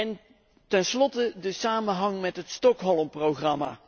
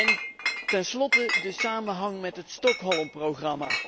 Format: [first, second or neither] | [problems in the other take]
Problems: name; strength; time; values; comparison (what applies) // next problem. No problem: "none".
first | background sound (Chink, clink); as loud as the speech